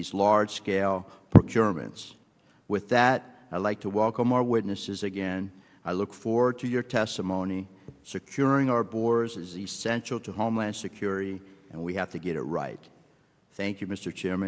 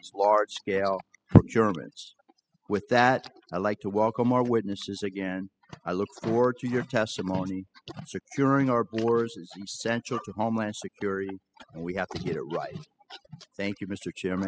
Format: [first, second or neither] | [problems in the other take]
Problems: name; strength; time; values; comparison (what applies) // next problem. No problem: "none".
first | noise reduction (classical method spectral subtraction)